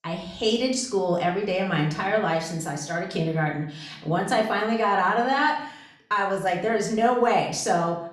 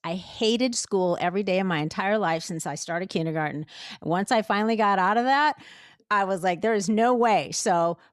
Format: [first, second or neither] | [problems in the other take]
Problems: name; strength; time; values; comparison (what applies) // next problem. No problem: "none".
second | room echo; slight; dies away in 0.5 s // off-mic speech; far